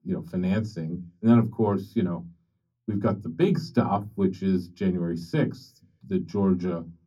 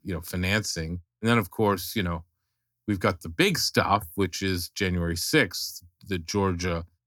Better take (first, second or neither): second